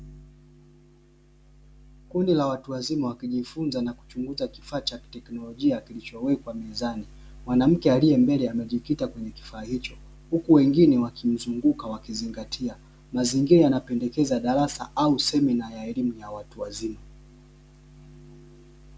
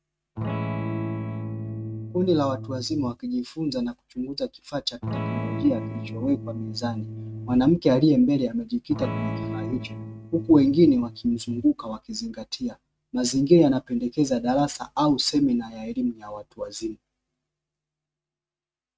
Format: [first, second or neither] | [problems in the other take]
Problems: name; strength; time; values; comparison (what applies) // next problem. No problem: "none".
first | noise reduction (neural mask model RNNoise)